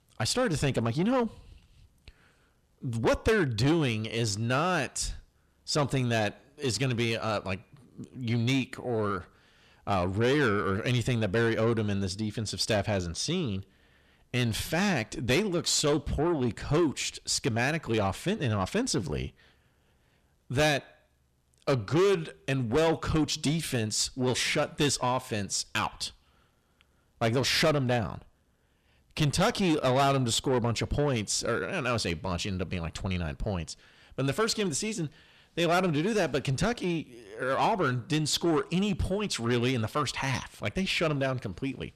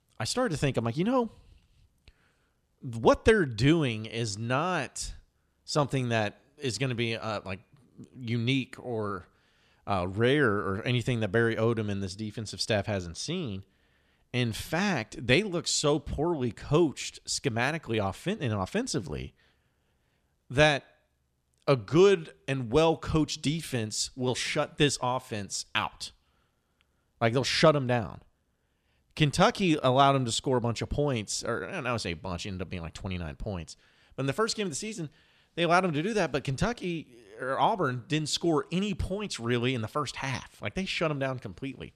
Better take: second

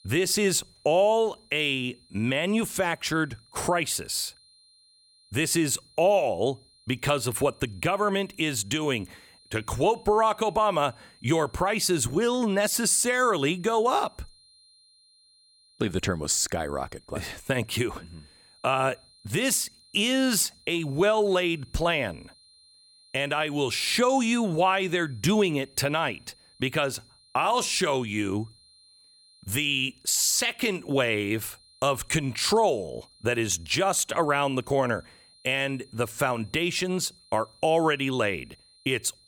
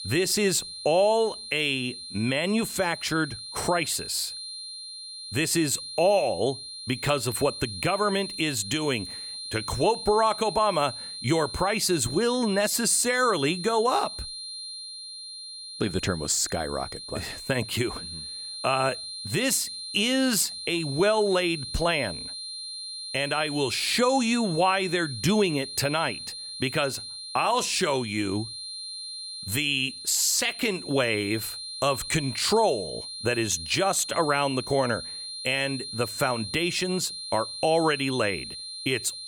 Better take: first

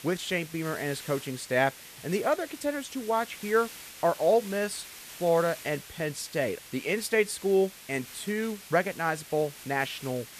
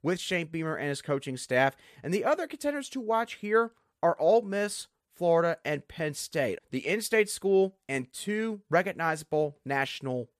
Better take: second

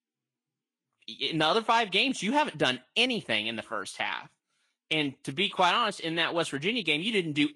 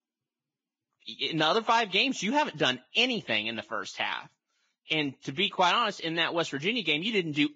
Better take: first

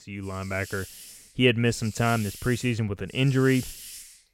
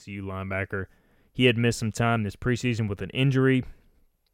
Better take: second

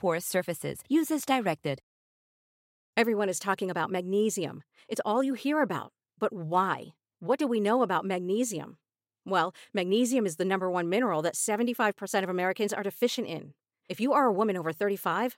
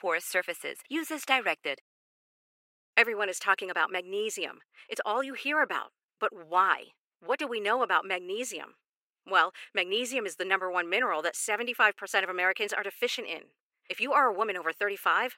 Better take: first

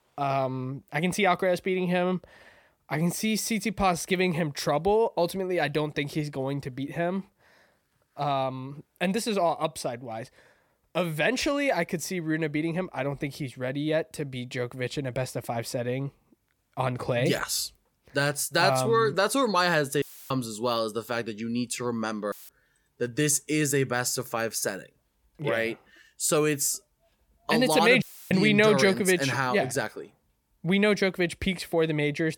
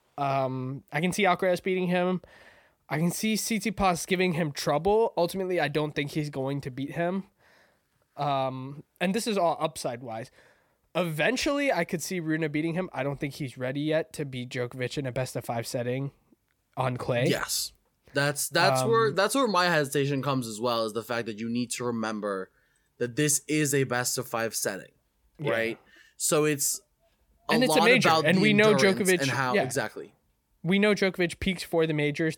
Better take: second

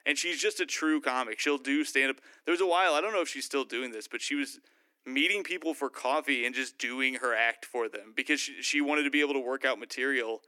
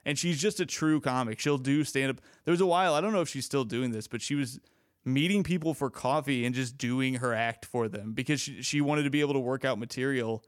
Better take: second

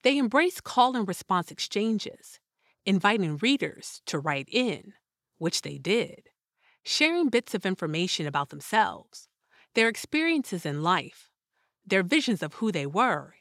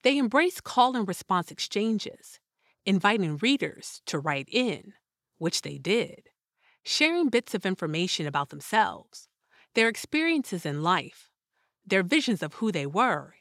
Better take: neither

